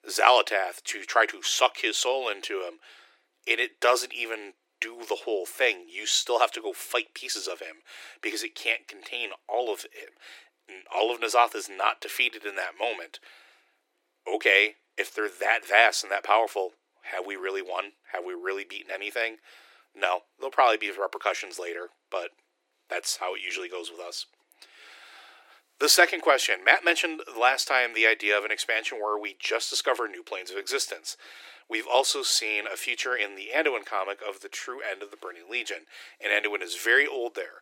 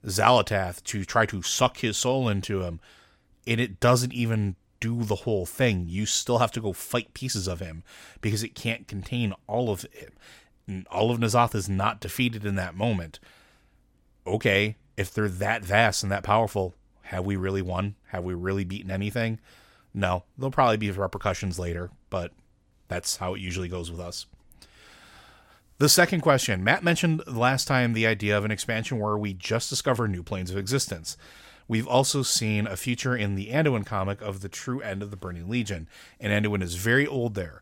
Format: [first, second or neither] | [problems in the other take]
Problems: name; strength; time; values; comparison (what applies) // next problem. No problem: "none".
second | thin; very; fading below 300 Hz